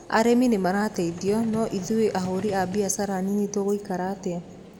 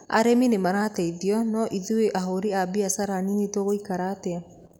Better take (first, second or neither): second